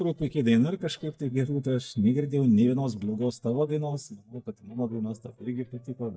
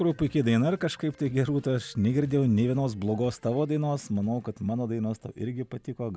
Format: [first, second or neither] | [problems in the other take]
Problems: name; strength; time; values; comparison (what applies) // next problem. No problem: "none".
second | noise reduction (neural mask model DeepFilterNet 3)